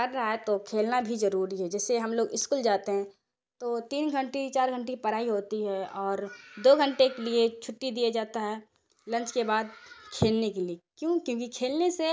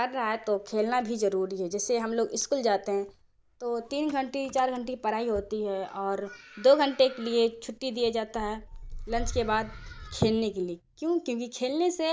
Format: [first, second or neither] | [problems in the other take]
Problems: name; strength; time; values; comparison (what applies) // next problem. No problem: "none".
first | background sound (Engine starting / Motor vehicle (road)); 16 dB below the speech